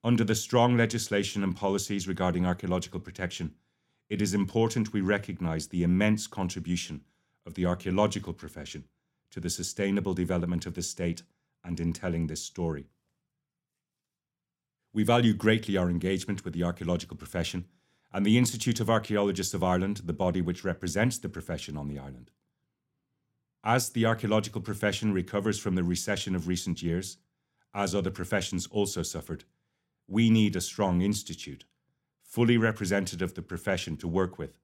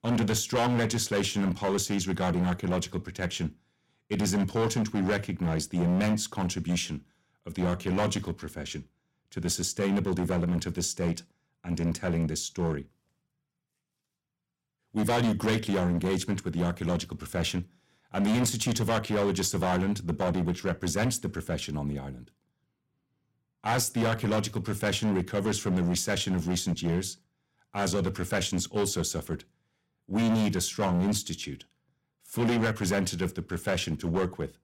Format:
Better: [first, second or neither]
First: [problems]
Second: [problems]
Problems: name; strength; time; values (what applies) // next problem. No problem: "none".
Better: first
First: none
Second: distortion; heavy; 10% of the sound clipped